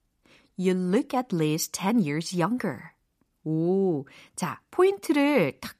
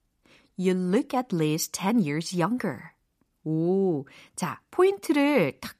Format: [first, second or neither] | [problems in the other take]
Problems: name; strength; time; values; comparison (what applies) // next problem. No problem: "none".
neither | none